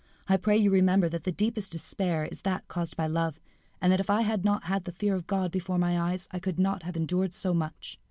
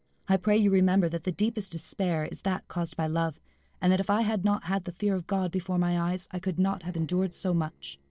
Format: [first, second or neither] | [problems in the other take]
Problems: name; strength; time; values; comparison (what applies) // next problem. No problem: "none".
first | noise reduction (neural separator model SepFormer DNS4)